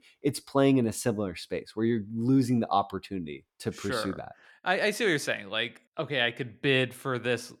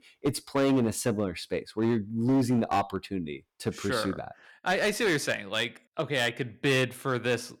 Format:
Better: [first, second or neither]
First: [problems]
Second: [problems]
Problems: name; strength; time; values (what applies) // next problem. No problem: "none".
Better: first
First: none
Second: distortion; slight; 8% of the sound clipped